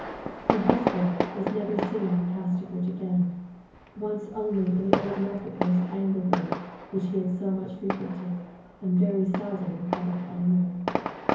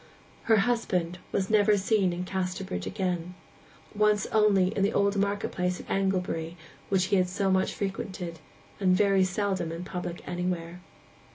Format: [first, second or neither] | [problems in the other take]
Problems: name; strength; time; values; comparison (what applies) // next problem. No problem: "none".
second | background sound (Fireworks); 5 dB below the speech // room echo; dies away in 0.9 s